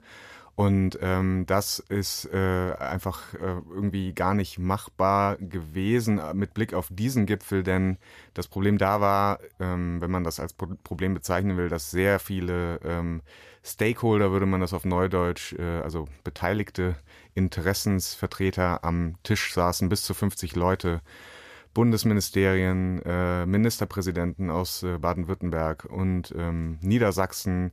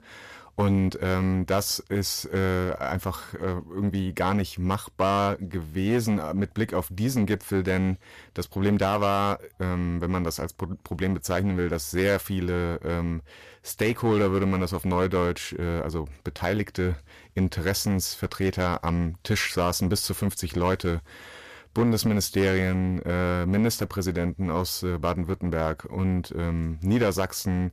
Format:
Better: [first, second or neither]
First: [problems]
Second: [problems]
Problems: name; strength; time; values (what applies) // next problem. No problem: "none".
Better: first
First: none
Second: distortion; slight; 6% of the sound clipped